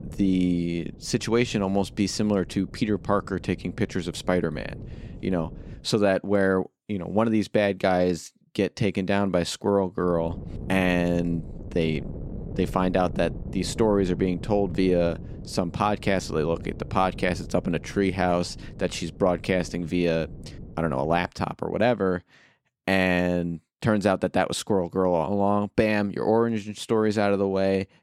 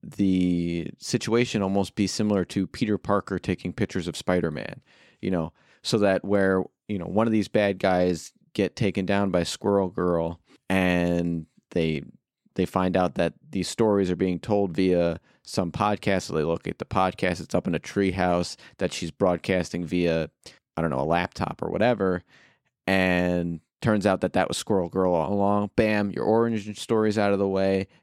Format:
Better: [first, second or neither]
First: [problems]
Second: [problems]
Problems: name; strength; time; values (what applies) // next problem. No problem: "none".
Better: second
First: wind noise on the microphone; occasional gusts; until 6 s and from 10 to 21 s; 20 dB below the speech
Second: none